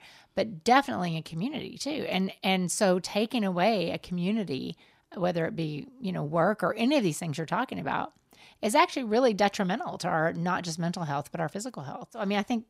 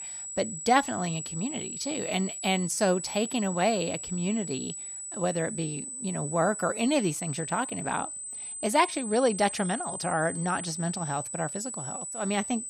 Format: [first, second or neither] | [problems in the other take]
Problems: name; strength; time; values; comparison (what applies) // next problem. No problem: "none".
first | high-pitched whine; loud; throughout; 8 kHz, 6 dB below the speech